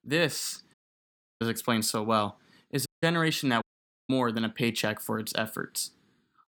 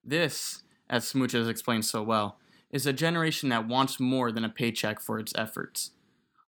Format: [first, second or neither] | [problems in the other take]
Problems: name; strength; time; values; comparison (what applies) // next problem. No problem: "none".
second | audio cutting out; at 0.5 s for 0.5 s, at 3 s and at 3.5 s